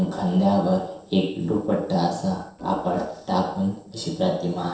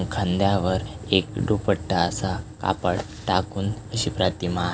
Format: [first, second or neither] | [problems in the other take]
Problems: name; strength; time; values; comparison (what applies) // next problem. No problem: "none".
second | noise reduction (neural separator model SepFormer DNS4)